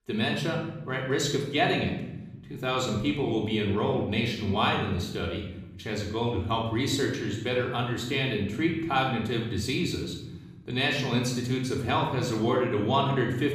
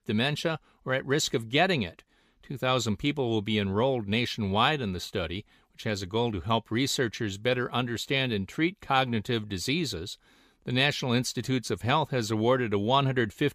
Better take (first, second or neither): second